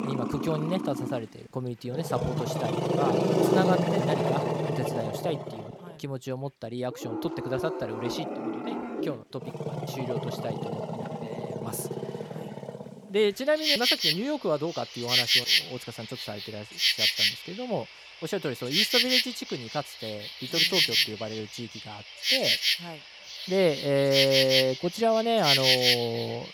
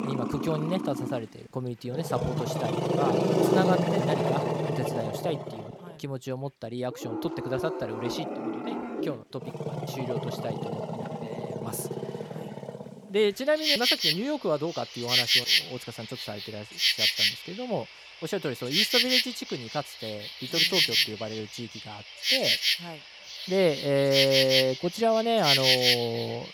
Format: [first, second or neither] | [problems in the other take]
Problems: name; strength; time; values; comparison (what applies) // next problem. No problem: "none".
neither | animal sounds; very loud; throughout; 4 dB above the speech; the same in both